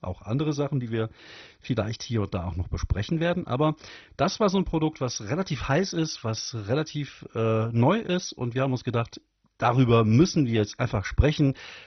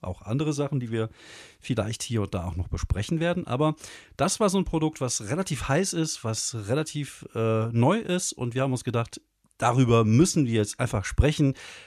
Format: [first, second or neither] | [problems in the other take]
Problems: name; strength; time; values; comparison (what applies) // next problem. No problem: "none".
second | garbled, watery; badly; nothing above 6 kHz